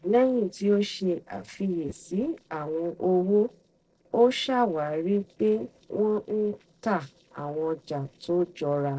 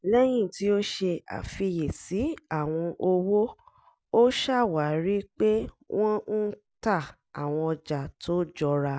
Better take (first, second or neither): second